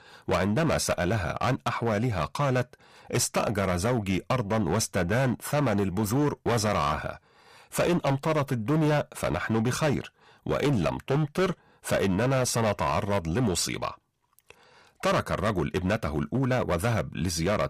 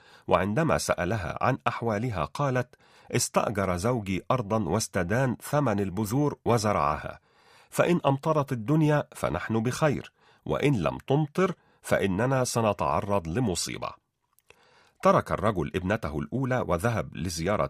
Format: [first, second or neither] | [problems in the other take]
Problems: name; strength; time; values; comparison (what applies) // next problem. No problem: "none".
second | distortion; heavy; 15% of the sound clipped